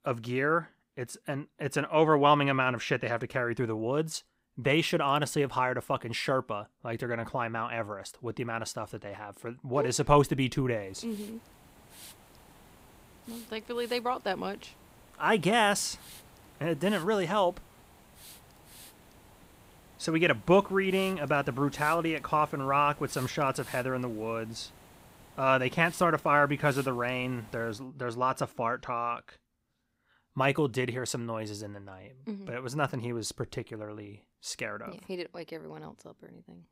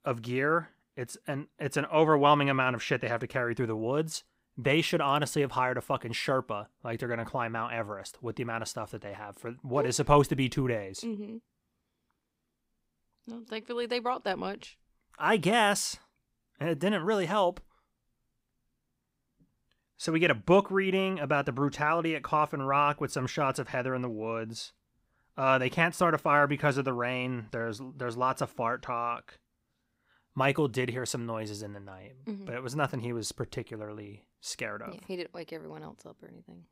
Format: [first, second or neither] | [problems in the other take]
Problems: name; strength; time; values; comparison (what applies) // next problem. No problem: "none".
second | hiss; faint; from 11 to 28 s; 20 dB below the speech